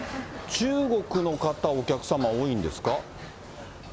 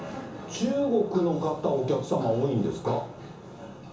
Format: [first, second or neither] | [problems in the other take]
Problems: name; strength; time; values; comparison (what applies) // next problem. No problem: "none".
first | room echo; dies away in 0.8 s